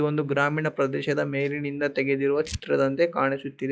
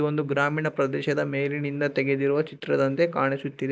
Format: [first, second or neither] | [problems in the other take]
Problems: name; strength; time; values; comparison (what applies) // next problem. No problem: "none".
second | noise reduction (classical method log-MMSE)